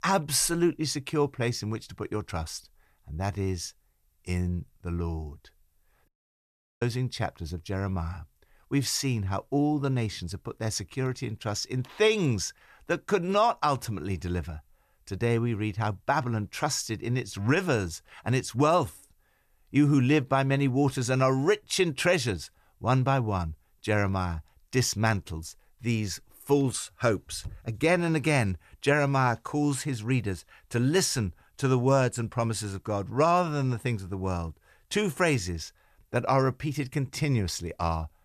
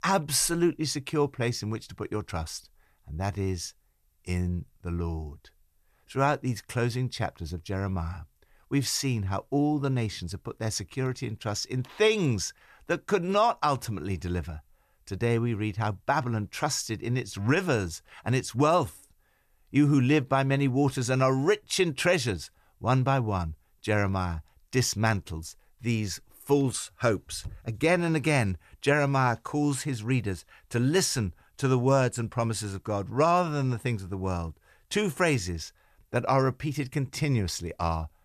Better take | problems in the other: second | audio cutting out; at 6 s for 0.5 s

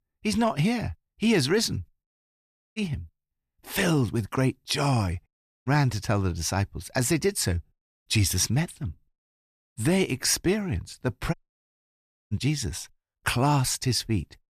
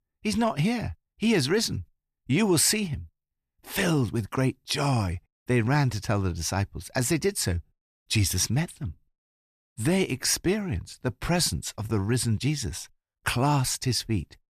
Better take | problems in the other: second | audio cutting out; at 2 s for 0.5 s, at 5.5 s and at 11 s for 1 s

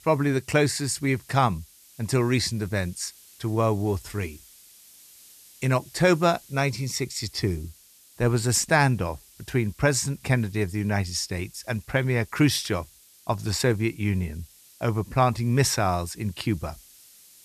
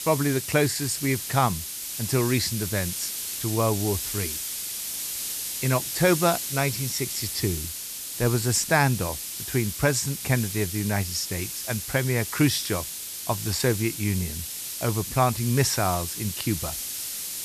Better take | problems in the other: first | hiss; loud; throughout; 4 dB below the speech; faint in the first

